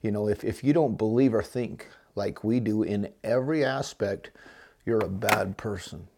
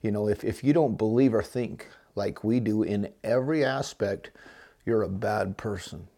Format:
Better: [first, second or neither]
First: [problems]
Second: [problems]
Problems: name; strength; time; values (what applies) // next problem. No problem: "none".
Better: second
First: phone ringing; noticeable; at 5 s; peak level with the speech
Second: none